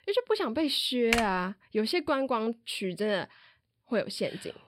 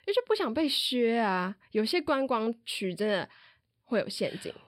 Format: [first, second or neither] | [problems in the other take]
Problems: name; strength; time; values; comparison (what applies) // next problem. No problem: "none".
second | keyboard typing; noticeable; at 1 s; peak 1 dB below the speech